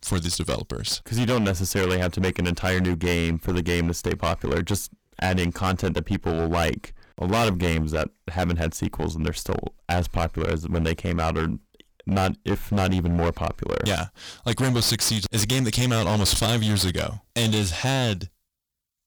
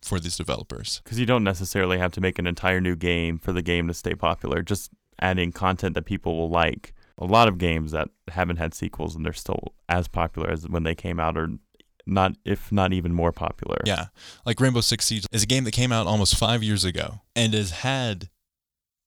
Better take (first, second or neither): second